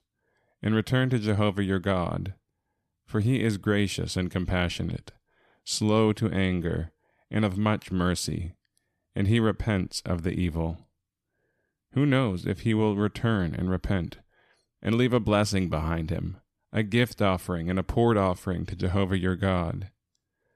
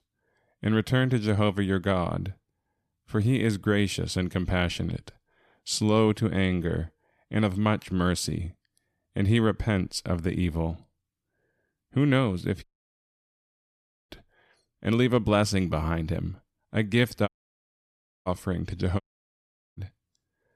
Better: first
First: none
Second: audio cutting out; at 13 s for 1.5 s, at 17 s for 1 s and at 19 s for 1 s

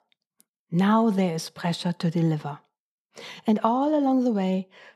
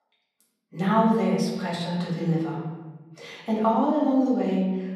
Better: first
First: none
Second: off-mic speech; far // room echo; noticeable; dies away in 1.1 s

